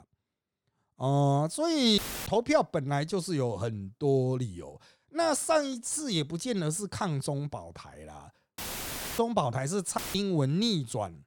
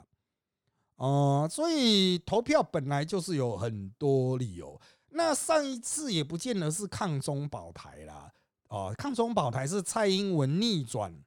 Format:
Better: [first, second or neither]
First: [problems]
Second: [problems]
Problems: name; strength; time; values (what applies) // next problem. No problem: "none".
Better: second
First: audio cutting out; filled with static; at 2 s, at 8.5 s for 0.5 s and at 10 s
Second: none